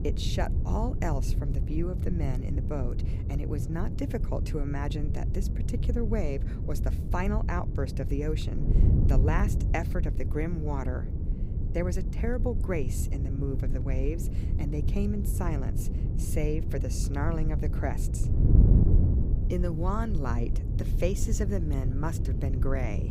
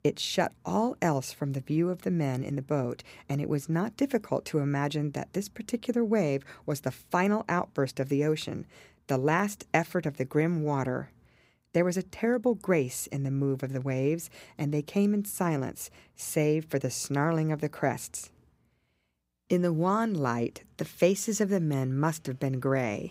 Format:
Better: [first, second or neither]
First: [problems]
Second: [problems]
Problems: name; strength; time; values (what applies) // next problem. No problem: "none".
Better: second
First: wind noise on the microphone; heavy; 6 dB below the speech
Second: none